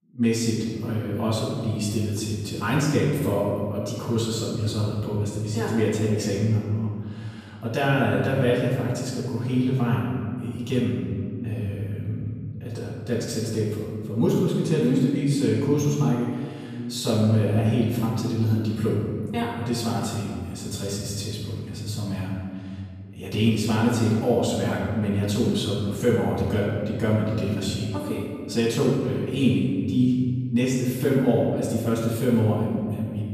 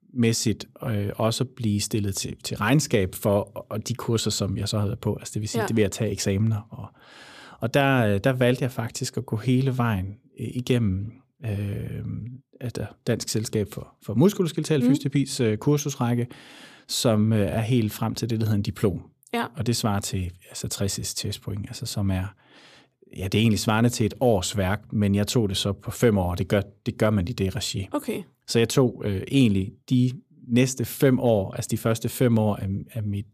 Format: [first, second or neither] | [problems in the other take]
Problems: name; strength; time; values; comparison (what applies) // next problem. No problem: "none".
second | off-mic speech; far // room echo; strong; dies away in 2 s